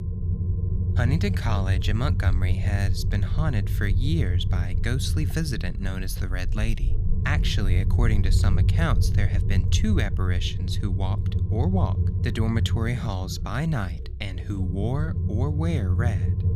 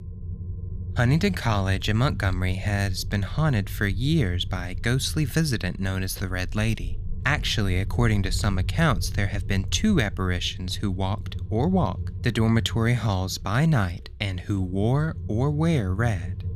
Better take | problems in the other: second | low rumble; loud; throughout; 8 dB below the speech; faint in the second

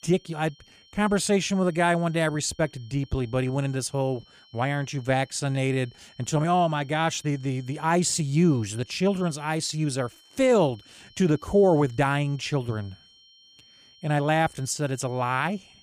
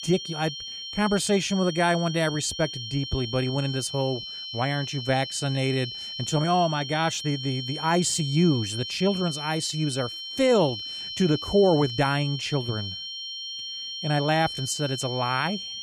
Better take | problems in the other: first | high-pitched whine; loud; throughout; 3 kHz, 7 dB below the speech; faint in the first

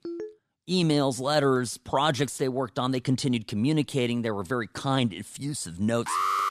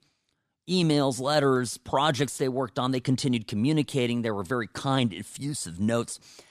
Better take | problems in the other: second | phone ringing; faint; at the start; peak 10 dB below the speech // alarm; loud; at 6 s; peak 2 dB above the speech

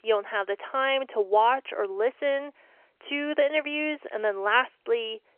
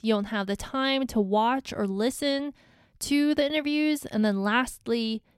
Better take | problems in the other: second | phone-call audio; nothing above 3 kHz

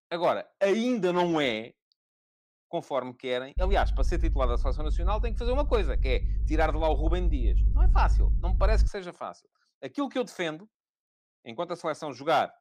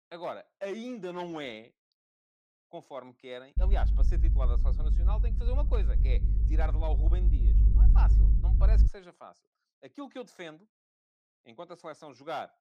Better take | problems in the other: first | low rumble; loud; from 3.5 to 9 s; 7 dB below the speech; faint in the first

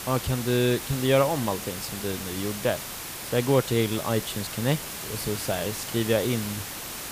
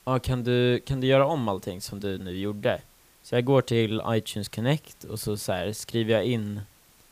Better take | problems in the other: second | hiss; loud; throughout; 7 dB below the speech; faint in the second

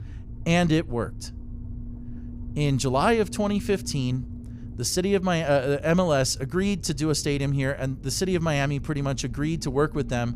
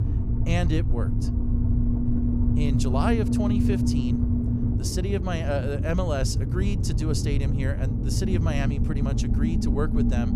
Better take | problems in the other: first | low rumble; loud; throughout; 2 dB below the speech; faint in the first

